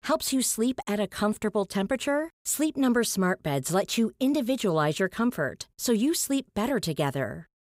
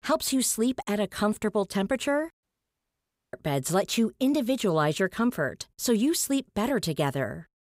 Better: first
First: none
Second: audio cutting out; at 2.5 s for 1 s

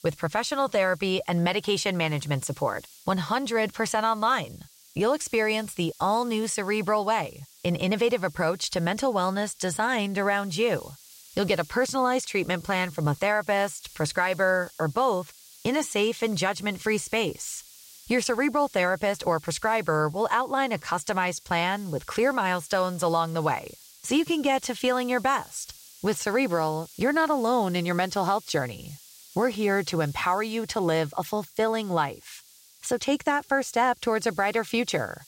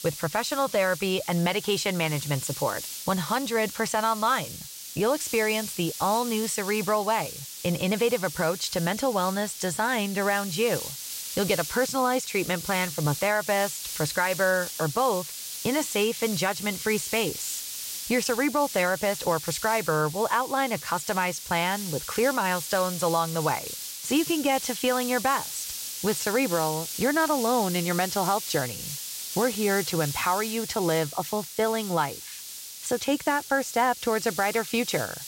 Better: first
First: hiss; faint; throughout; 20 dB below the speech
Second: hiss; loud; throughout; 7 dB below the speech

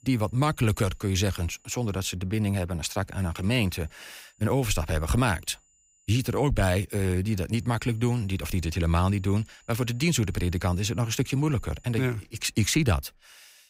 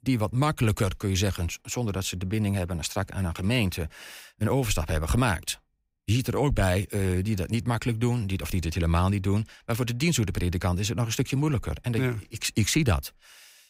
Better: second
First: high-pitched whine; faint; until 2 s, from 3 to 6.5 s and from 7.5 to 12 s; 7 kHz, 35 dB below the speech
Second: none

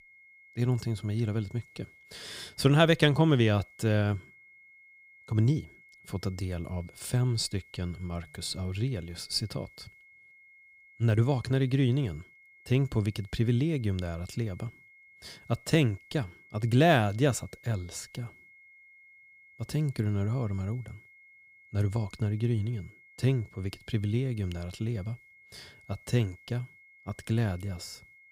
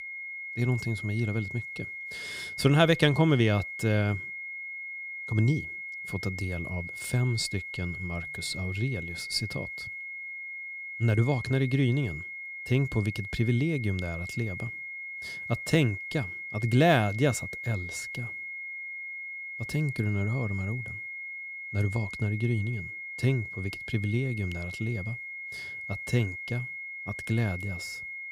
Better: first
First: high-pitched whine; faint; throughout; 2 kHz, 25 dB below the speech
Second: high-pitched whine; loud; throughout; 2 kHz, 7 dB below the speech

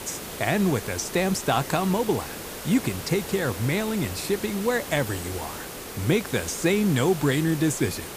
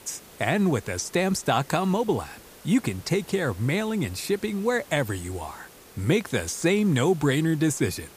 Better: second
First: hiss; loud; throughout; 10 dB below the speech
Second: hiss; faint; throughout; 20 dB below the speech

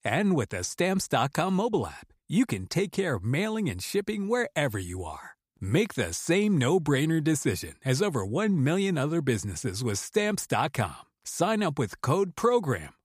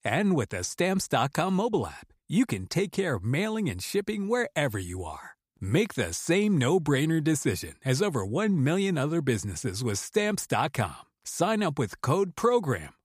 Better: neither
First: none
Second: none

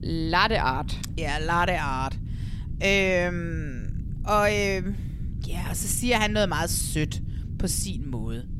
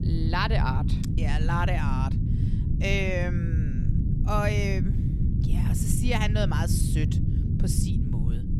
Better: first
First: low rumble; faint; throughout; 20 dB below the speech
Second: low rumble; loud; throughout; 7 dB below the speech

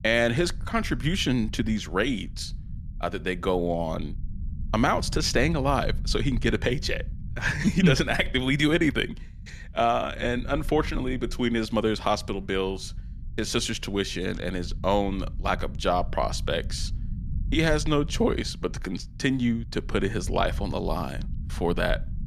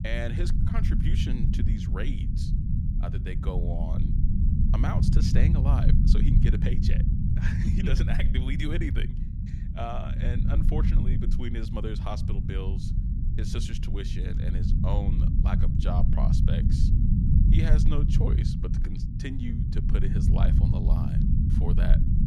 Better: first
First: low rumble; faint; throughout; 25 dB below the speech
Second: low rumble; loud; throughout; 1 dB below the speech

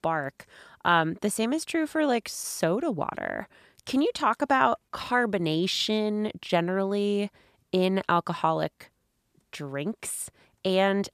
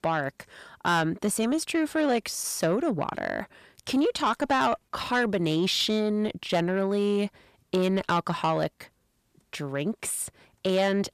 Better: first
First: none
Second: distortion; slight; 10 dB below the speech

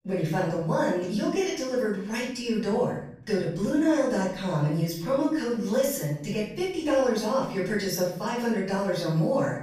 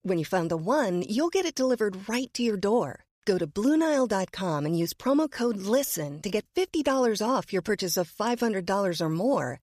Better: second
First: room echo; noticeable; dies away in 0.7 s // off-mic speech; far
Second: none

